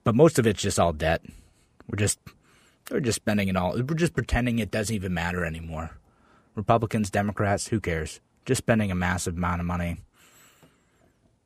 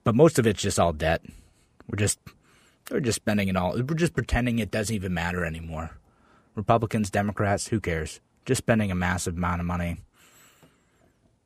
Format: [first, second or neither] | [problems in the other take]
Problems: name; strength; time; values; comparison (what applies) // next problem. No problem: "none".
neither | none